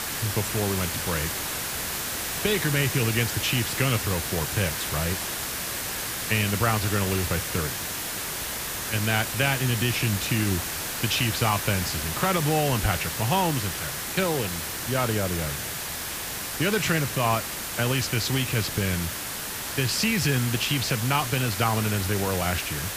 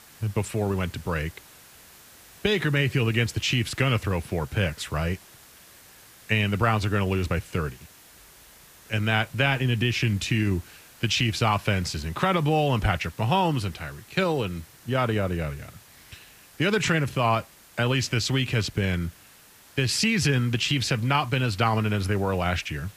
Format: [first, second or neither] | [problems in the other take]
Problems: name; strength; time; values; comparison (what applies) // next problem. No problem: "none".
second | hiss; loud; throughout; 3 dB below the speech; faint in the second